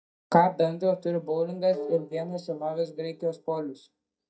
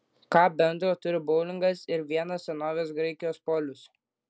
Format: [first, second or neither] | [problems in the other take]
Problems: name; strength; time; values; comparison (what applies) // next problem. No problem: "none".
second | noise reduction (neural mask model DeepFilterNet 3)